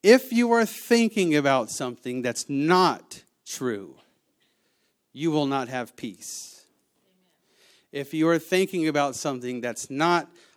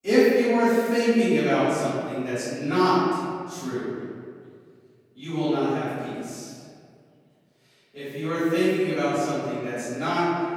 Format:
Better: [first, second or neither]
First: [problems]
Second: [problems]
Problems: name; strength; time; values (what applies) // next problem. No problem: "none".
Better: first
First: none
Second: off-mic speech; far // room echo; strong; dies away in 2.1 s